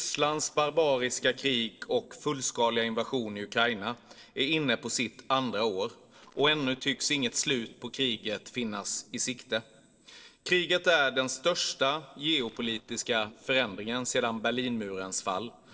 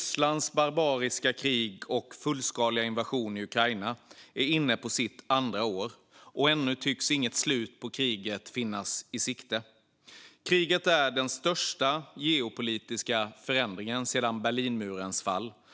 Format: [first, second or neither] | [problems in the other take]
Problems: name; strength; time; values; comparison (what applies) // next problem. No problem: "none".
second | noise reduction (neural separator model SepFormer DNS4)